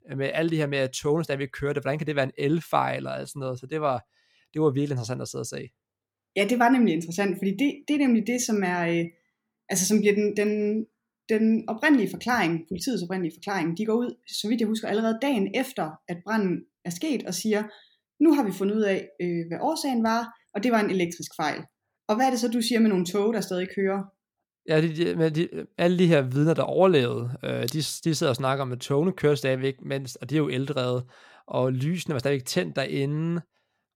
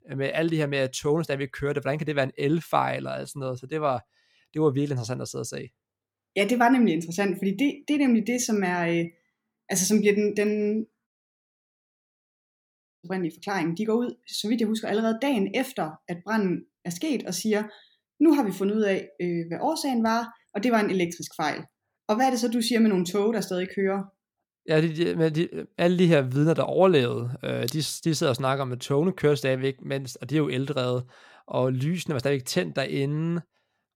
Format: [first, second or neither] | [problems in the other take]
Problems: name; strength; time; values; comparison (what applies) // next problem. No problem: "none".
first | audio cutting out; at 11 s for 2 s